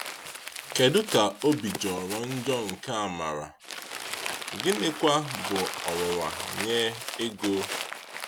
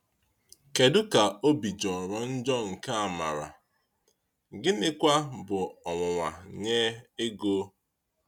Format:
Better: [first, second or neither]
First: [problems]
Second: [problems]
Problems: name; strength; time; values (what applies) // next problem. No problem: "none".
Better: second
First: background sound (Crumpling, crinkling); 7 dB below the speech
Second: none